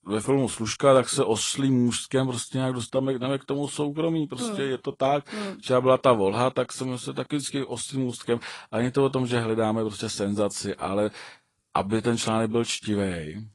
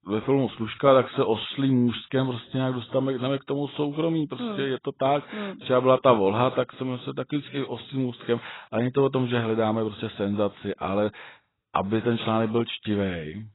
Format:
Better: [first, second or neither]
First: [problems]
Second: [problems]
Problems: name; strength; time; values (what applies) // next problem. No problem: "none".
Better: first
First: garbled, watery; slightly; nothing above 10.5 kHz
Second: garbled, watery; badly; nothing above 4 kHz